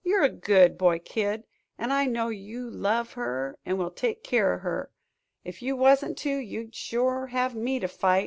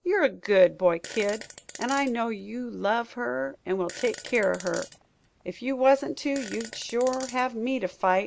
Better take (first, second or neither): first